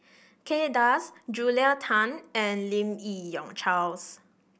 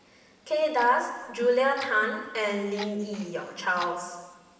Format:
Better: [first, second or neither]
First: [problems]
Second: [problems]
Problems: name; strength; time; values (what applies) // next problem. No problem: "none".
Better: first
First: none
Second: background sound (Clock); 18 dB below the speech // room echo; dies away in 1.2 s